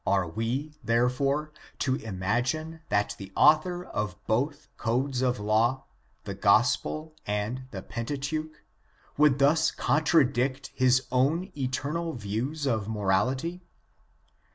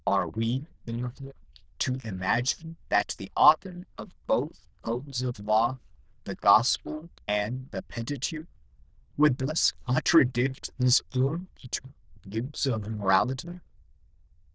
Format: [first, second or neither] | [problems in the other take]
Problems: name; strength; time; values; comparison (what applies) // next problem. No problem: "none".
first | noise reduction (neural diffusion model UNIVERSE++)